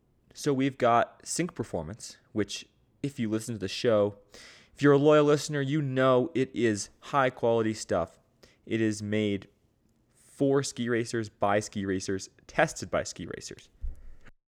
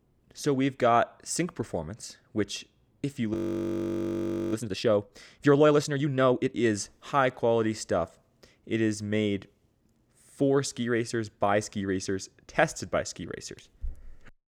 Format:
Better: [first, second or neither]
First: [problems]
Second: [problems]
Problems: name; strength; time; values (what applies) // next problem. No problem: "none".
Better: first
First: none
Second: audio freezing; at 3.5 s for 1 s